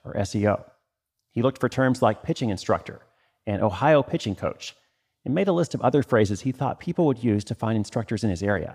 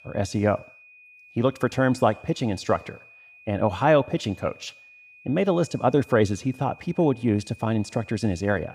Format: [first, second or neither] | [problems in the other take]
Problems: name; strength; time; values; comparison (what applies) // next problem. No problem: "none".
first | high-pitched whine; faint; throughout; 2.5 kHz, 25 dB below the speech